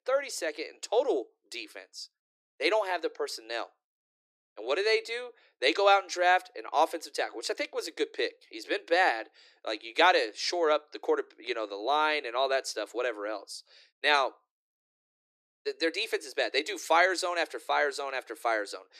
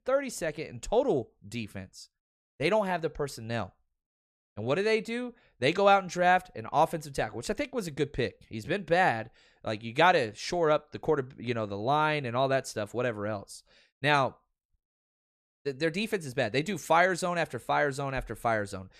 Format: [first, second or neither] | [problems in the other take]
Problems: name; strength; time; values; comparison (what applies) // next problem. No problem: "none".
second | thin; very; fading below 300 Hz